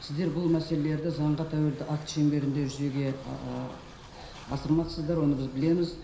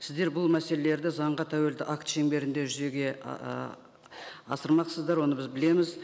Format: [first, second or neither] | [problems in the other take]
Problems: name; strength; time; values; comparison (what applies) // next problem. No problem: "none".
second | background sound (Train); 17 dB below the speech // room echo; dies away in 0.5 s